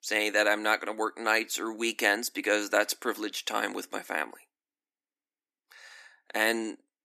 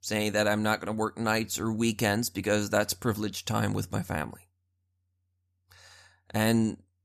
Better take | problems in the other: second | thin; very; fading below 300 Hz

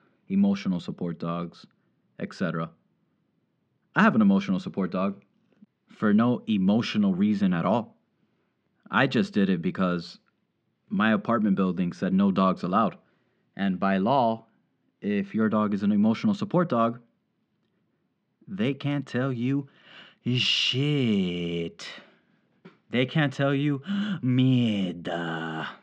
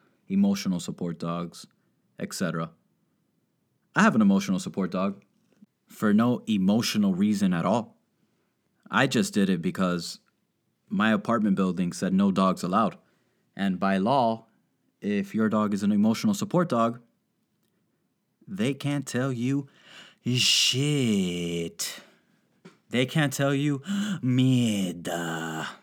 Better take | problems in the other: second | muffled; slightly; fading above 3.5 kHz

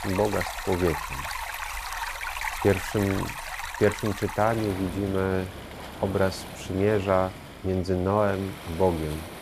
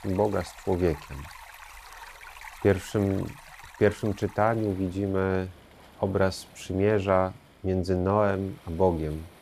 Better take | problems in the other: second | rain or running water; loud; throughout; 8 dB below the speech; faint in the second

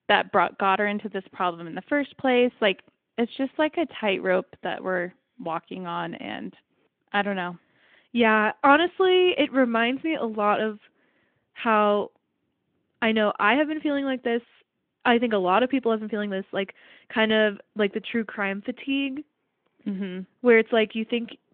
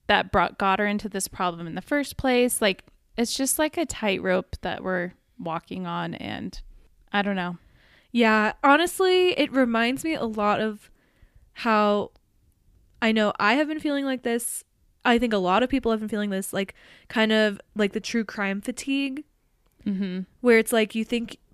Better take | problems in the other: second | phone-call audio

